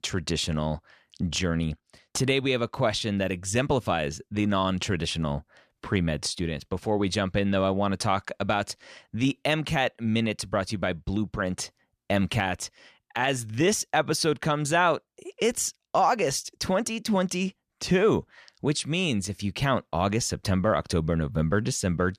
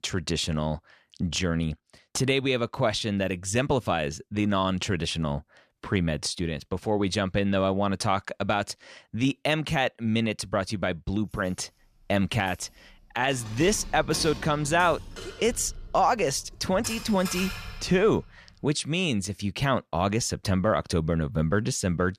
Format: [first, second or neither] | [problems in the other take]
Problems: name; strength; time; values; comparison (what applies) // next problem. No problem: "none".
first | jangling keys; noticeable; from 12 to 18 s; peak 6 dB below the speech